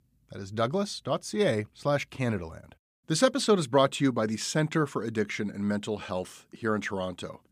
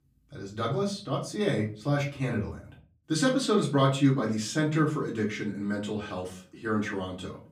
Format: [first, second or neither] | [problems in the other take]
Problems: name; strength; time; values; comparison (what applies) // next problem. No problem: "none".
first | off-mic speech; far // room echo; very slight; dies away in 0.3 s